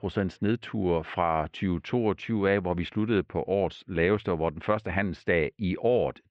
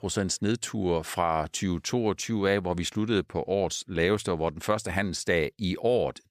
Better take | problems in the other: second | muffled; very; fading above 2.5 kHz

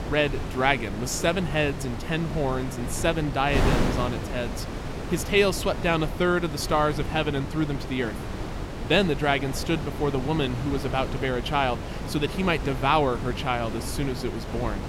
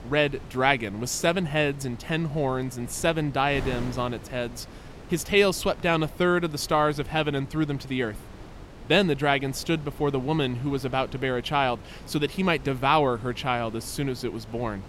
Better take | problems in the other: second | wind noise on the microphone; heavy; 9 dB below the speech; occasional gusts in the second

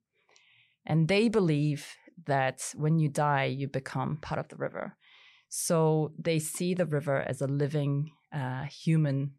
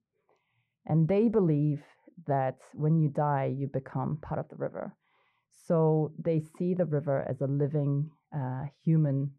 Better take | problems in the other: first | muffled; very; fading above 2 kHz

